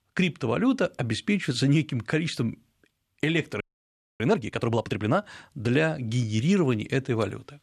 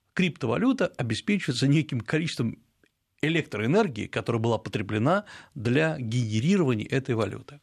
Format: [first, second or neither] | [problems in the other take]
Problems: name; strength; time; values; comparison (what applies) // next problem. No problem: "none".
second | audio freezing; at 3.5 s for 0.5 s